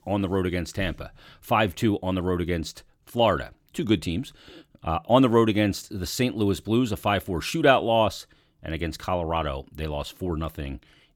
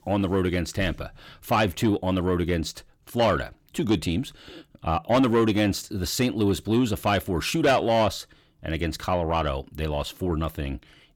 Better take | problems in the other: first | distortion; slight; 10 dB below the speech

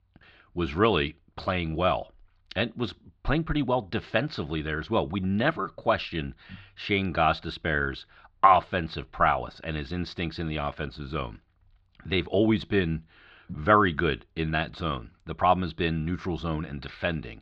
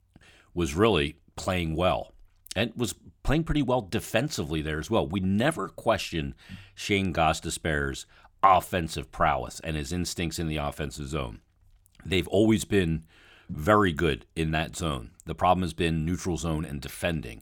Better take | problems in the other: second | muffled; slightly; fading above 4.5 kHz

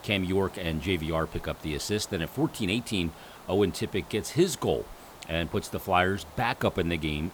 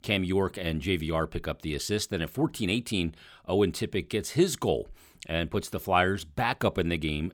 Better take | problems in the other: second | hiss; noticeable; throughout; 20 dB below the speech

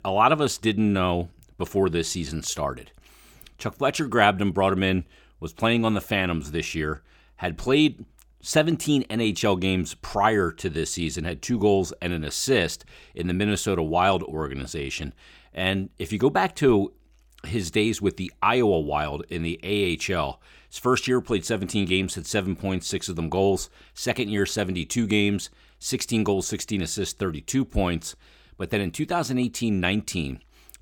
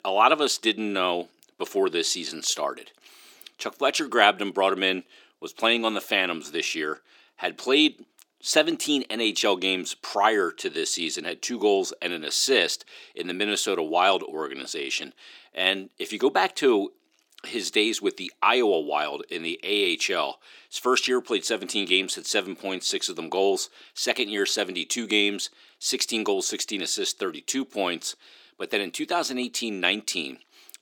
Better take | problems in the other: first | thin; somewhat; fading below 300 Hz

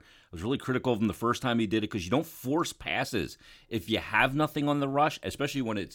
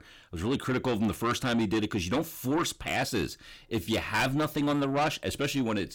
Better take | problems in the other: first | distortion; heavy; 7 dB below the speech

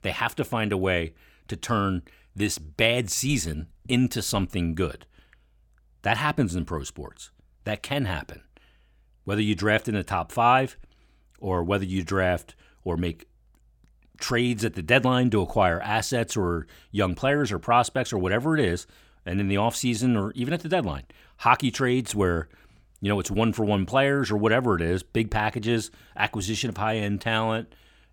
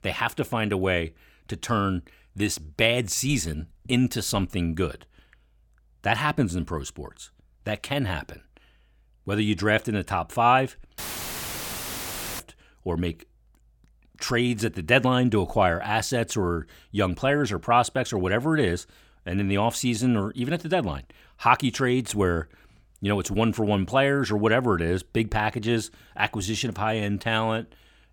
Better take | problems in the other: first | audio cutting out; filled with static; at 11 s for 1.5 s

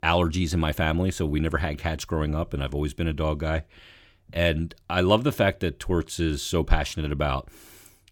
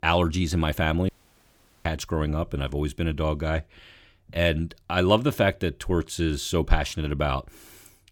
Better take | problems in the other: first | audio cutting out; at 1 s for 1 s

